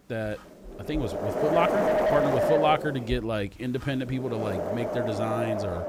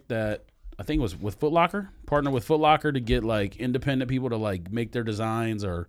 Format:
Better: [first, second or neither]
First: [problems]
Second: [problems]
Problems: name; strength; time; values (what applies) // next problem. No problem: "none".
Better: second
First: wind noise on the microphone; heavy; 3 dB above the speech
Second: none